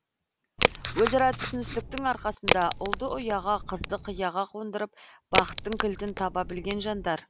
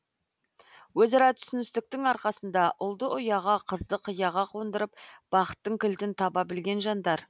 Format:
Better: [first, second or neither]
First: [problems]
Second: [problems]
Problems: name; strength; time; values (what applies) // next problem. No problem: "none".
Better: second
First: background sound (Writing + Crack); 2 dB below the speech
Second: none